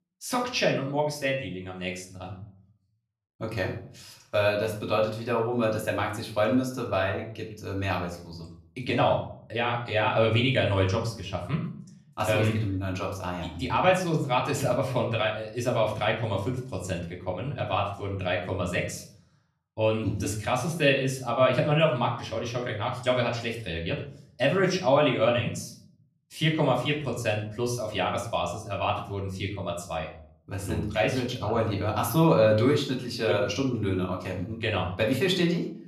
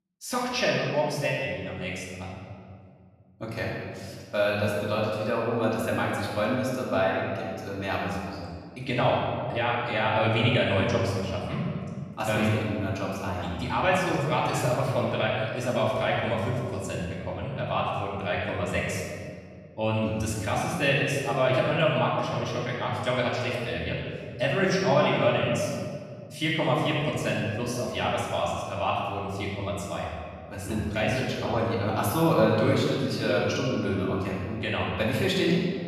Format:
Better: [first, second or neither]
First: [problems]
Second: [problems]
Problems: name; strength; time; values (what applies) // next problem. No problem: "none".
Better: first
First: room echo; slight; dies away in 0.5 s // off-mic speech; far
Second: room echo; strong; dies away in 2 s // off-mic speech; far